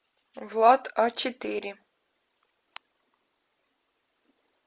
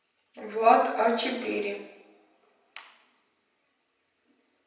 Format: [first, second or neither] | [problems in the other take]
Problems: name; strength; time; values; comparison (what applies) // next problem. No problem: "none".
first | room echo; dies away in 0.9 s